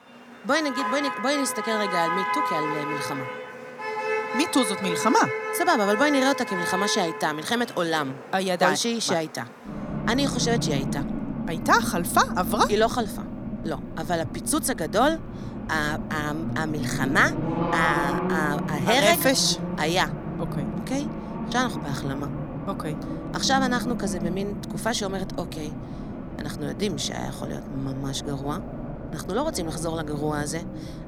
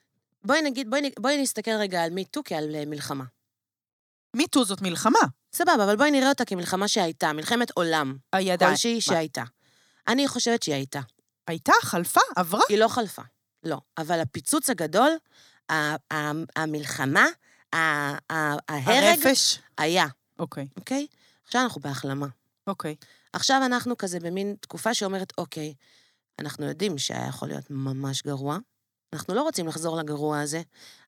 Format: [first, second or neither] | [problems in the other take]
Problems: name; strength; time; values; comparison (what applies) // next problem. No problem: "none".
second | traffic noise; loud; throughout; 5 dB below the speech